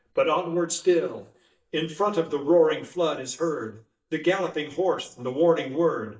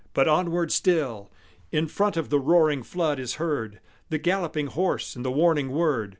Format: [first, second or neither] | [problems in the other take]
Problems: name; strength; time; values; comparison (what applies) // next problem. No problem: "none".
second | noise reduction (neural mask model DeepFilterNet 3)